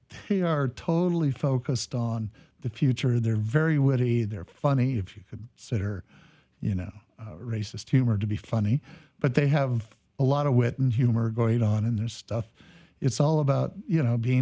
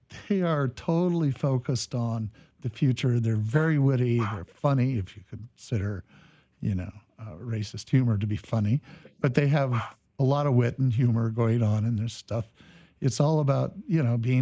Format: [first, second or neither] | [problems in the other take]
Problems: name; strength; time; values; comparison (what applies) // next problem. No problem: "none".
first | noise reduction (neural mask model Resemble Enhance denoiser)